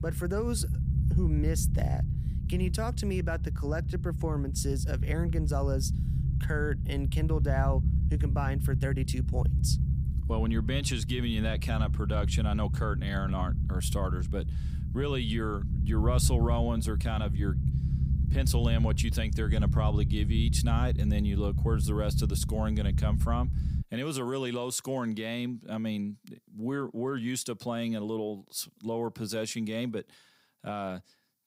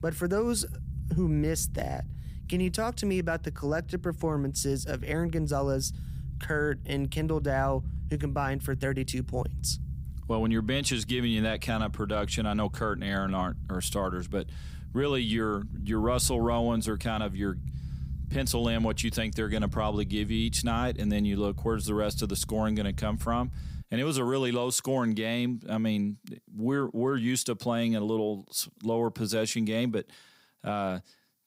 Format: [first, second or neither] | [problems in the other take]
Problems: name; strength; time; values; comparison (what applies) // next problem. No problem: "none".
second | low rumble; loud; until 24 s; 8 dB below the speech; faint in the second